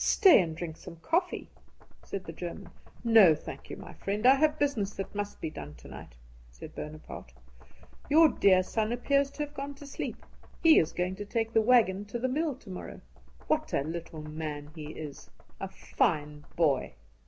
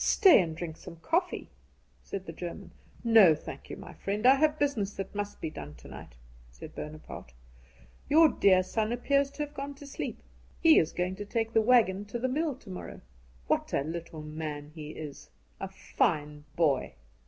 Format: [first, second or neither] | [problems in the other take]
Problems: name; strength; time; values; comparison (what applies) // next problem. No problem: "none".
second | background sound (Knock); 15 dB below the speech